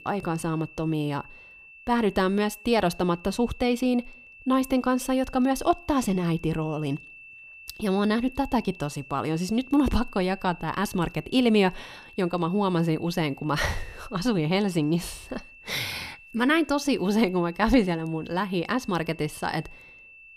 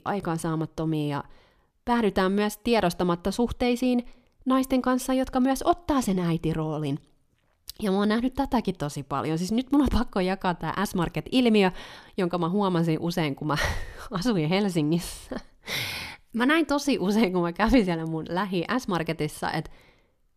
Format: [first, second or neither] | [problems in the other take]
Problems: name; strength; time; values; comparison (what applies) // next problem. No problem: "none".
second | high-pitched whine; faint; throughout; 2.5 kHz, 20 dB below the speech